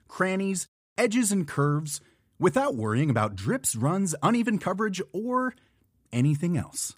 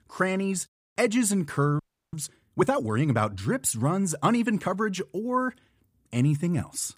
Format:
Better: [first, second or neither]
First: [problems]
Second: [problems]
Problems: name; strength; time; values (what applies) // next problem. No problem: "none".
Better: first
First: none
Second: audio freezing; at 2 s